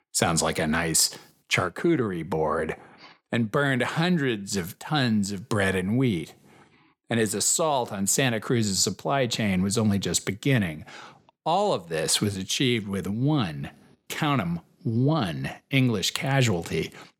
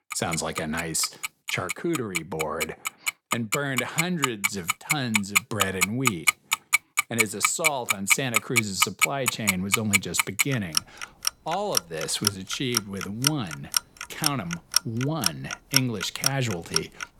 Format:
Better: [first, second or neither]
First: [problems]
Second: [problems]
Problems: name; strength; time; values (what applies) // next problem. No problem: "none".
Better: first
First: none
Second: household noises; very loud; throughout; 4 dB above the speech